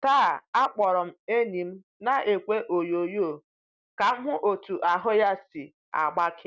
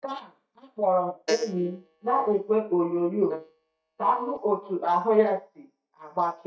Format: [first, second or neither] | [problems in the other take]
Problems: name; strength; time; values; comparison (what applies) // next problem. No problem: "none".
first | noise reduction (neural mask model DeepFilterNet 3)